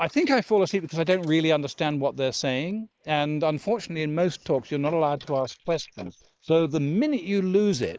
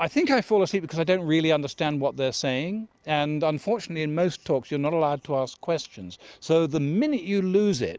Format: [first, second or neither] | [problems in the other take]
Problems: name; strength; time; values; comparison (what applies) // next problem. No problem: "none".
second | noise reduction (neural mask model Resemble Enhance denoiser)